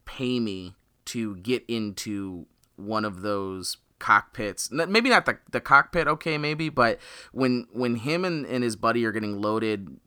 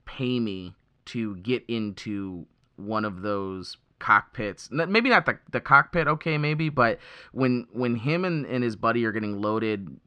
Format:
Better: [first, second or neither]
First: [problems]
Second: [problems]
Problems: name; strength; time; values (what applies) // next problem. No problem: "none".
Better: first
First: none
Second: muffled; very slightly; fading above 3 kHz